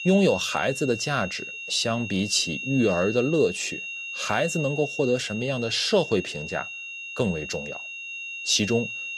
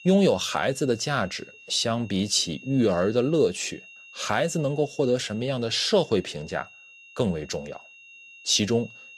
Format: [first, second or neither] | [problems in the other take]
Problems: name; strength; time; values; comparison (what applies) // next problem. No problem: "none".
second | high-pitched whine; loud; throughout; 2.5 kHz, 7 dB below the speech; faint in the second